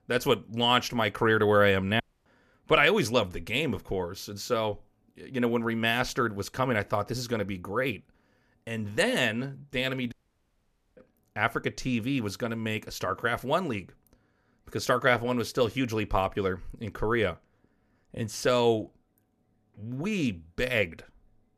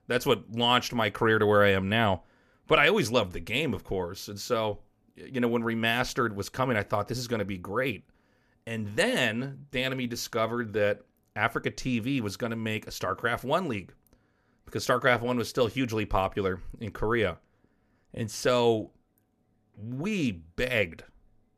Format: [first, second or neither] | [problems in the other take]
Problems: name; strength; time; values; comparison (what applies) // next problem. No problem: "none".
second | audio cutting out; at 2 s and at 10 s for 1 s